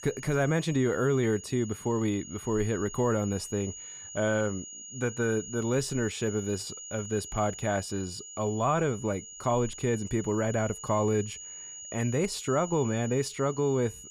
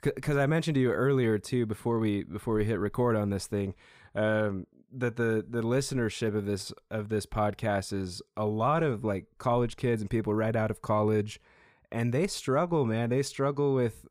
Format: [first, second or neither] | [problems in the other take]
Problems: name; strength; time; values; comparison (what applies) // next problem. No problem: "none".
second | high-pitched whine; noticeable; throughout; 7 kHz, 10 dB below the speech